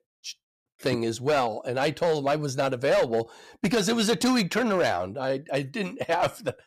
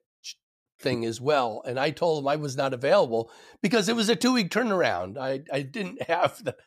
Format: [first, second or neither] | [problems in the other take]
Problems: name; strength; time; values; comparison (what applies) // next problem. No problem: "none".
second | distortion; slight; 6% of the sound clipped